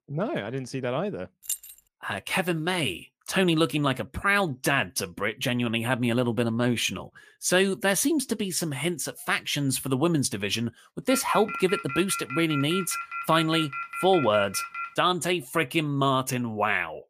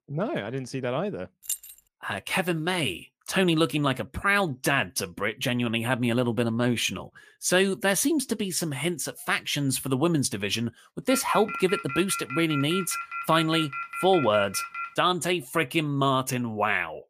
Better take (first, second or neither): neither